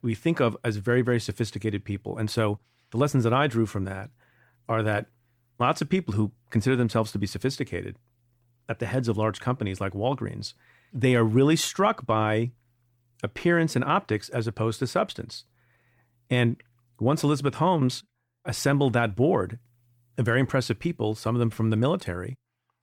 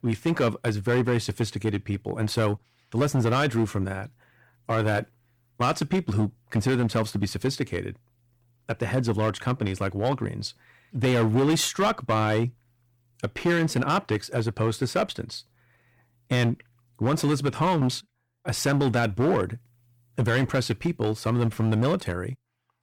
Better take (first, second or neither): first